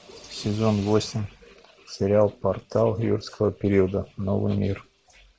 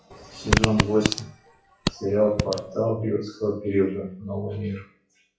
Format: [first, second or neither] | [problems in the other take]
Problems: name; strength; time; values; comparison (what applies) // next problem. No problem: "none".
first | noise reduction (classical method WPE with log-MMSE)